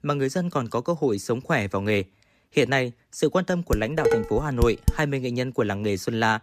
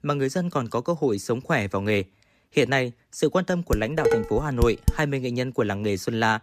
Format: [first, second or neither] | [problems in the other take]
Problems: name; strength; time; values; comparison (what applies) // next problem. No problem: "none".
neither | clattering dishes; loud; from 3.5 to 5 s; peak 1 dB above the speech; the same in both